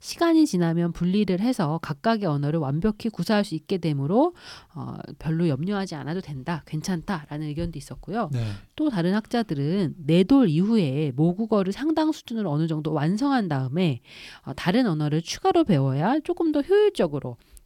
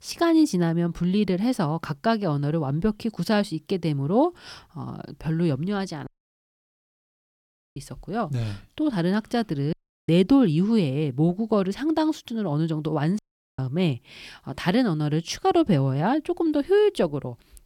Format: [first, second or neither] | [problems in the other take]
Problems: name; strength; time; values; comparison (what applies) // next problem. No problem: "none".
first | audio cutting out; at 6 s for 1.5 s, at 9.5 s and at 13 s